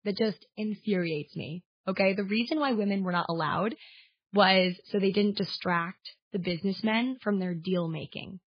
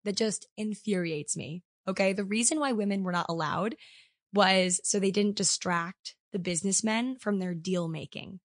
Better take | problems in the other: second | garbled, watery; badly; nothing above 4 kHz; slightly in the second

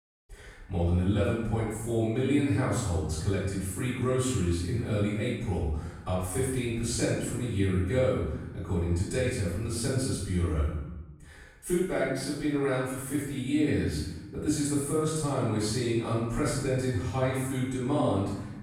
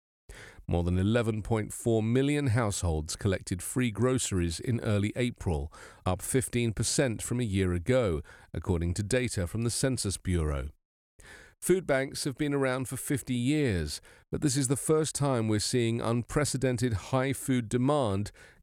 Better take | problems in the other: second | off-mic speech; far // room echo; strong; dies away in 0.9 s

